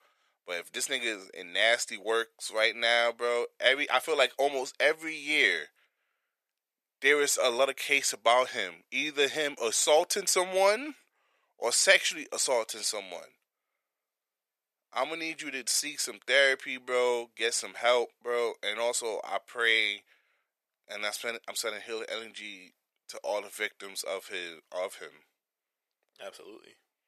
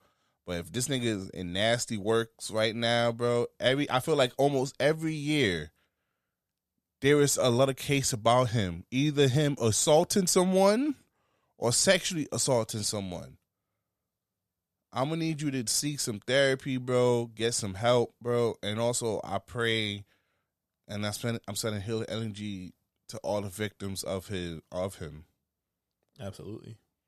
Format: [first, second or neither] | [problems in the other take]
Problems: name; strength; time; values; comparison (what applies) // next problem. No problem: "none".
second | thin; very; fading below 450 Hz